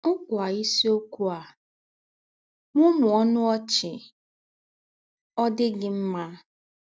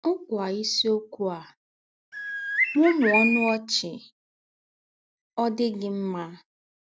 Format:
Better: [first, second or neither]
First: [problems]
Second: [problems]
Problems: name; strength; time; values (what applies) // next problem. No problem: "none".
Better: first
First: none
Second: background sound (Bird); 1 dB above the speech